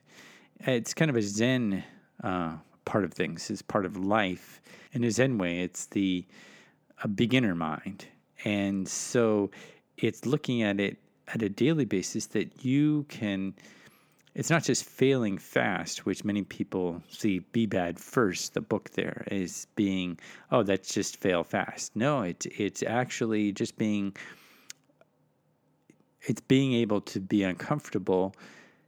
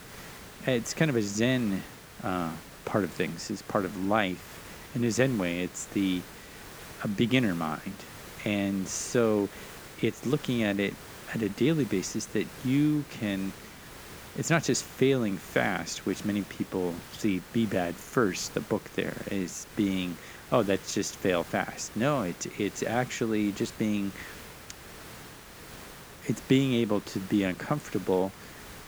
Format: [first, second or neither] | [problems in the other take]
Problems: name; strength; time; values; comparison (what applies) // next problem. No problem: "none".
first | hiss; noticeable; throughout; 15 dB below the speech